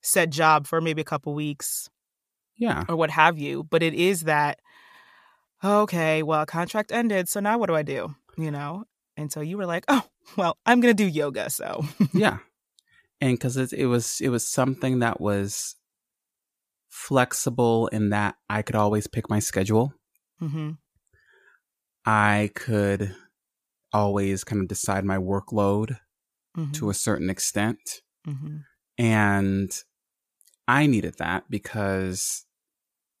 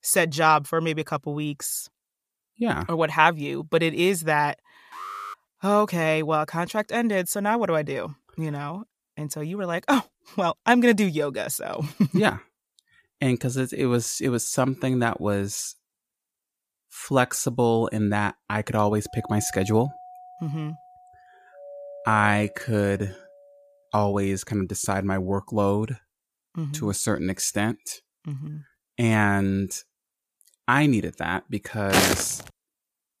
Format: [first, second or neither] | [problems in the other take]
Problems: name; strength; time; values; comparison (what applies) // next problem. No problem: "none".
first | alarm; faint; at 5 s; peak 10 dB below the speech // doorbell; faint; from 19 to 24 s; peak 15 dB below the speech // footsteps; loud; at 32 s; peak 4 dB above the speech